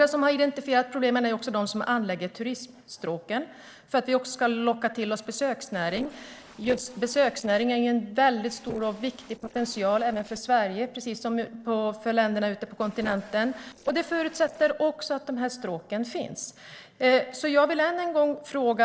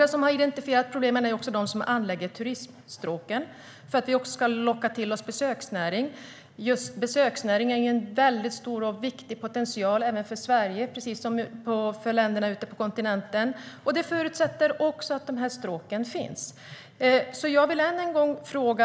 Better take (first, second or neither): second